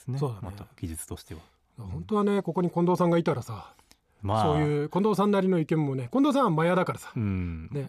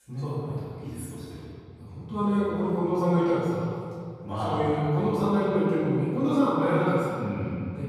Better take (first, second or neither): first